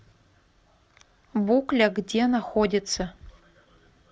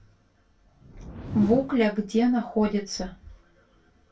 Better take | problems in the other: first | background sound (Whoosh, swoosh, swish); 12 dB below the speech // room echo; dies away in 0.2 s

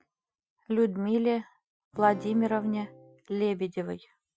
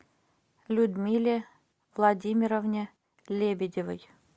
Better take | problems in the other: second | noise reduction (classical method Wiener filter)

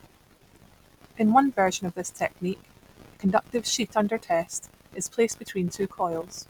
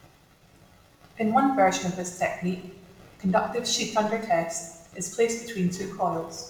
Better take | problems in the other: first | room echo; dies away in 0.8 s

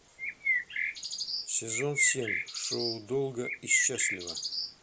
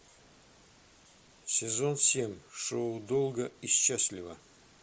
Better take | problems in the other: second | background sound (Bird); as loud as the speech

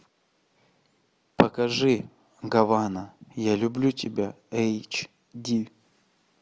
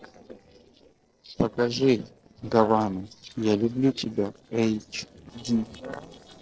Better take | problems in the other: first | noise reduction (neural separator model SepFormer DNS4)

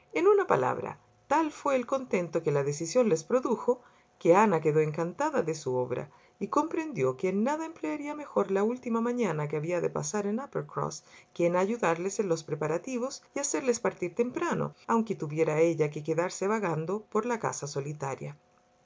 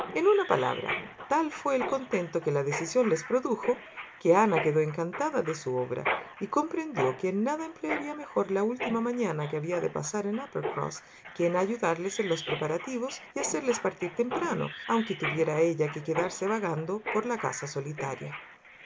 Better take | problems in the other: first | background sound (Mechanisms); 10 dB below the speech

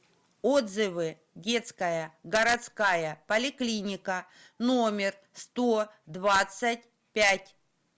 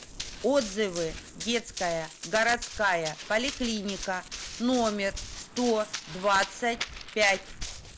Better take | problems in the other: first | background sound (Run); 11 dB below the speech

